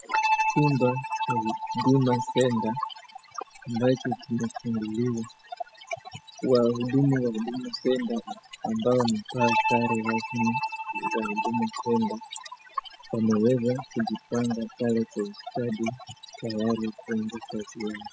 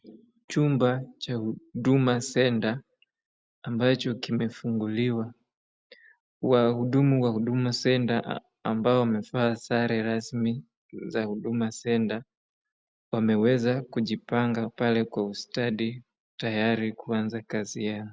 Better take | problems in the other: second | noise reduction (classical method spectral subtraction)

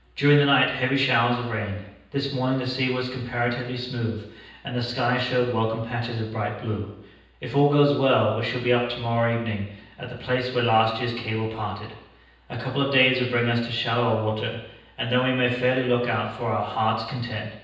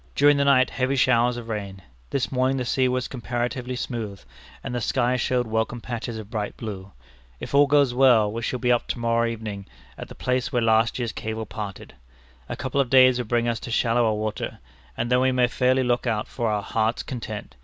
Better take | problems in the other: second | room echo; dies away in 0.9 s

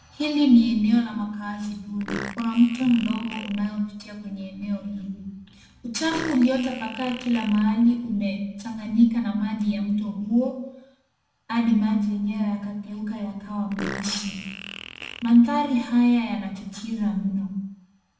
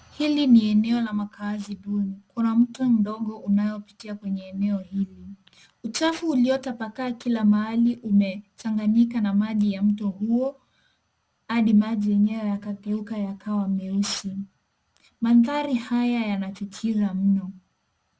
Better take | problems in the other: second | background sound (Fart); 16 dB below the speech // room echo; dies away in 0.8 s

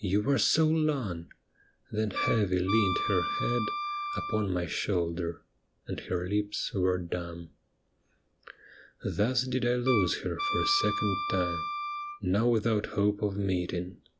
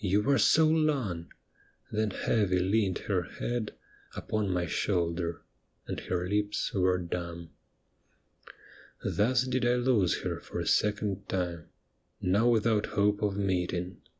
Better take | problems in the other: second | background sound (Wind instrument, woodwind instrument); 4 dB below the speech

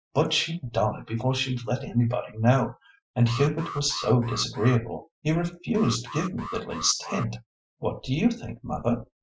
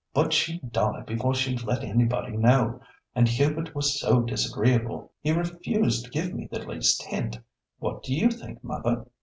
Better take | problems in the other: second | noise reduction (classical method Wiener filter)

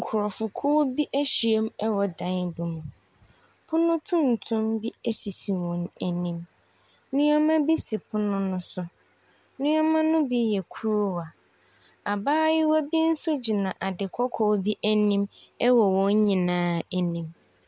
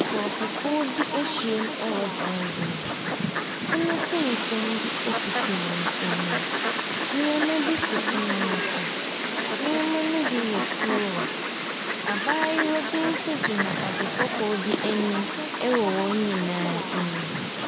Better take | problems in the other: first | background sound (Fowl); 1 dB above the speech

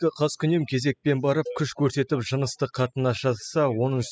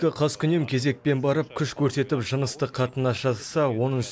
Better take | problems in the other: second | noise reduction (classical method spectral subtraction)

